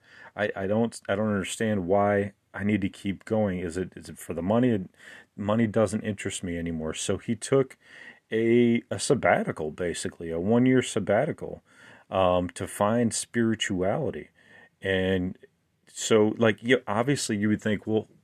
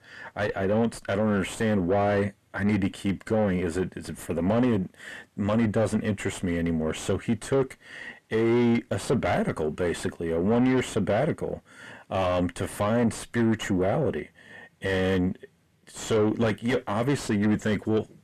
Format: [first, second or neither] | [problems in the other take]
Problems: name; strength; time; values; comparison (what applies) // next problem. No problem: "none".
first | distortion; heavy; 6 dB below the speech